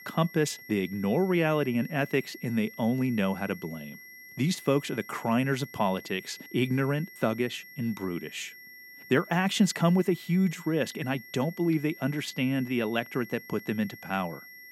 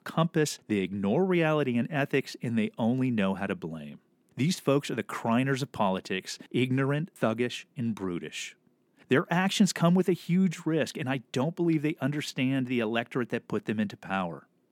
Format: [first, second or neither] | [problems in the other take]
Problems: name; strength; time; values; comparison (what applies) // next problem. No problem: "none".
second | high-pitched whine; noticeable; throughout; 2 kHz, 15 dB below the speech